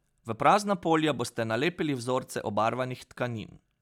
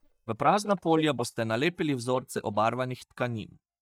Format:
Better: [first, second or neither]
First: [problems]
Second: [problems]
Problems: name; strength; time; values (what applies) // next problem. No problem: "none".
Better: first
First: none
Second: noise reduction (neural mask model DeepFilterNet 3)